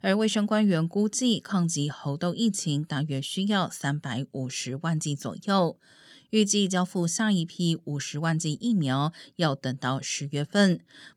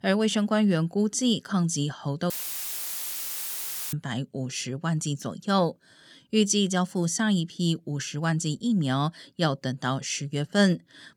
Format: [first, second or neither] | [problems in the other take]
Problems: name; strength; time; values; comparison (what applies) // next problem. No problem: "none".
first | audio cutting out; filled with static; at 2.5 s for 1.5 s